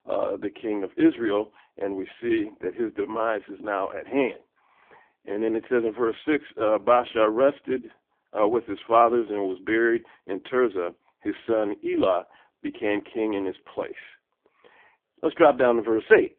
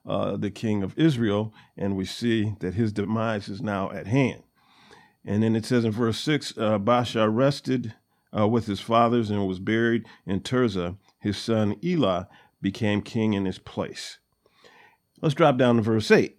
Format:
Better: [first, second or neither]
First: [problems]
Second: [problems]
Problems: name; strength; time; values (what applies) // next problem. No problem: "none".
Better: second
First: phone-call audio; poor line; nothing above 3.5 kHz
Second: none